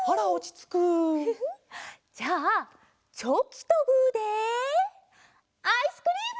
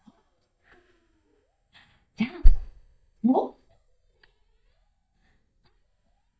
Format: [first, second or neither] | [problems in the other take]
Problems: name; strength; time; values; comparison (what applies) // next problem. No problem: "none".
first | noise reduction (neural mask model DeepFilterNet 3)